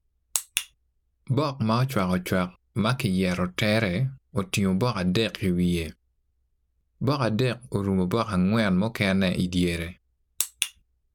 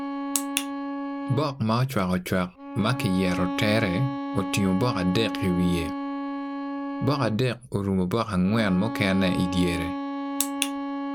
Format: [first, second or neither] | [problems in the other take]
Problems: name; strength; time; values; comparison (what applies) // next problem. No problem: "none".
first | background sound (Bowed string instrument); 5 dB below the speech